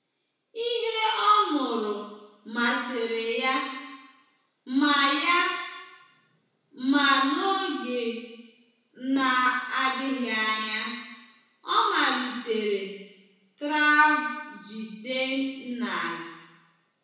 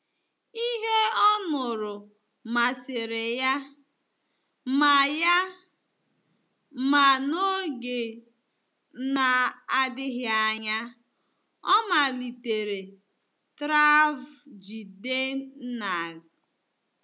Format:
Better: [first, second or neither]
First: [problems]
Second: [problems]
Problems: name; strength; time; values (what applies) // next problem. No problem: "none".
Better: second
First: room echo; dies away in 1 s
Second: none